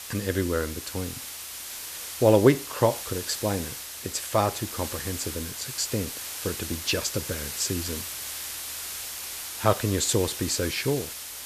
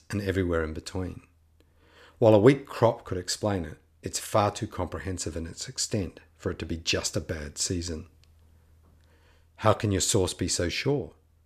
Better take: second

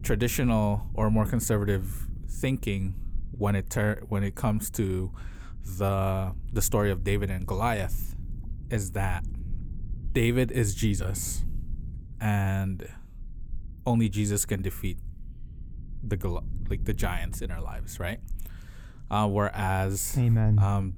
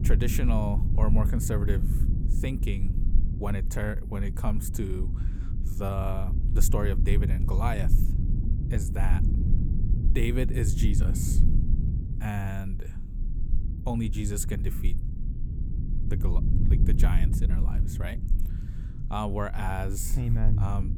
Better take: first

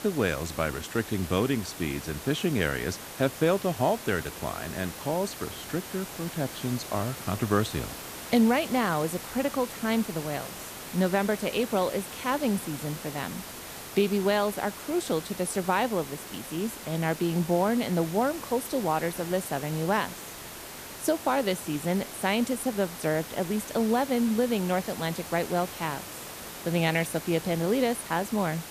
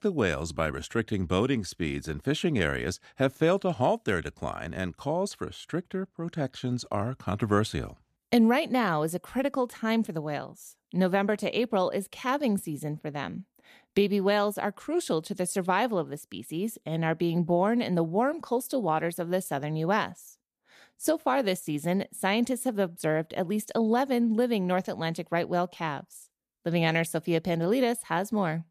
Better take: second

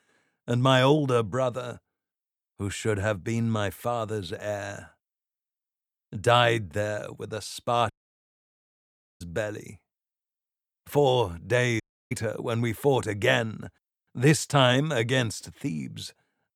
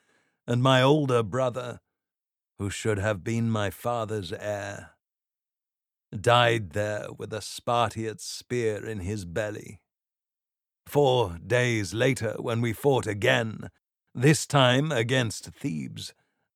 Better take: second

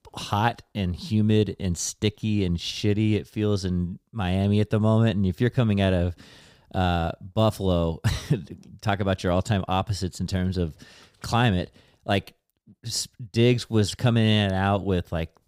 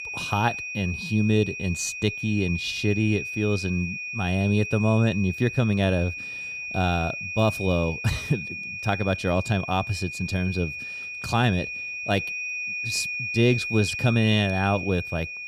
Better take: first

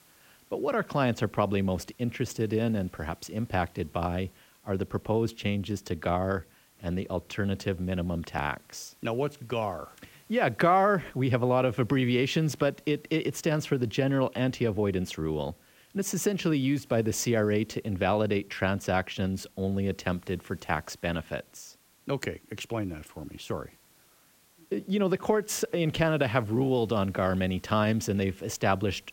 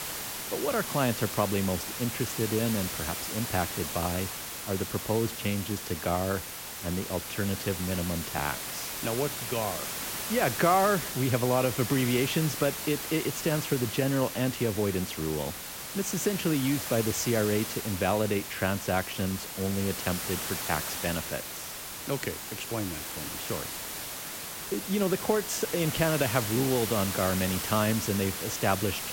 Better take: first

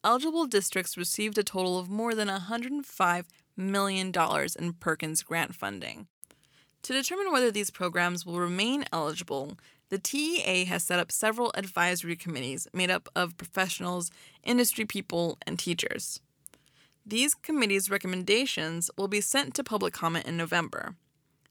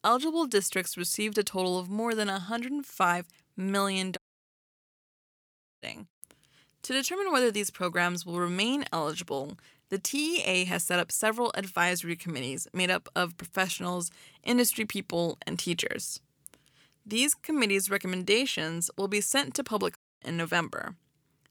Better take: first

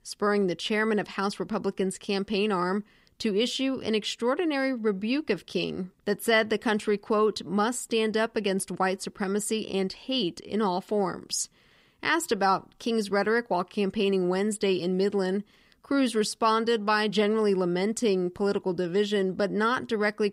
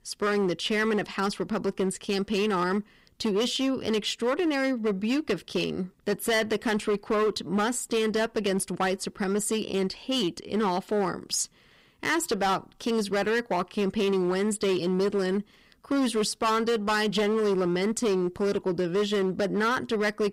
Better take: first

